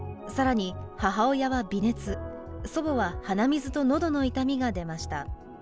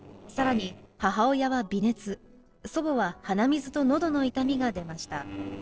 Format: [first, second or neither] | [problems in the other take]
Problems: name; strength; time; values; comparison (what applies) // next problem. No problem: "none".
first | noise reduction (neural separator model SepFormer DNS4)